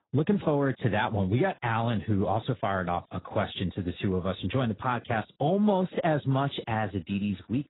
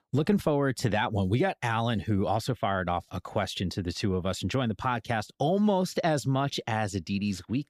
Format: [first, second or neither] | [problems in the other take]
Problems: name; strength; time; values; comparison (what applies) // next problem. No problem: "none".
second | garbled, watery; badly; nothing above 4 kHz